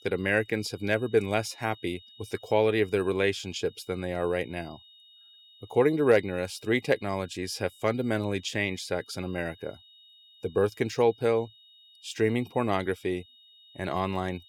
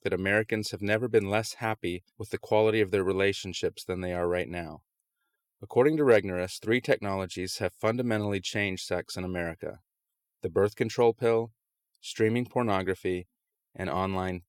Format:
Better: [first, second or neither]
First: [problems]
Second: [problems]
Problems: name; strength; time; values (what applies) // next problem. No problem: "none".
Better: second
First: high-pitched whine; faint; throughout; 3.5 kHz, 25 dB below the speech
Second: none